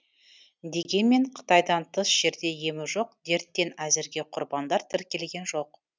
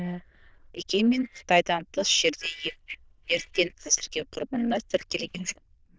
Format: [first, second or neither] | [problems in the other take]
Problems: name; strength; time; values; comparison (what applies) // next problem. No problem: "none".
first | noise reduction (neural diffusion model UNIVERSE++)